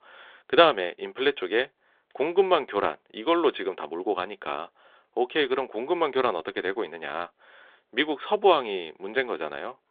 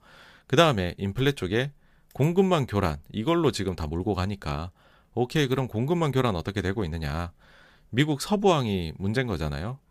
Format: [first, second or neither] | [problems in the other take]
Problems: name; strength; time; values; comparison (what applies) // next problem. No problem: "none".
second | phone-call audio; nothing above 3.5 kHz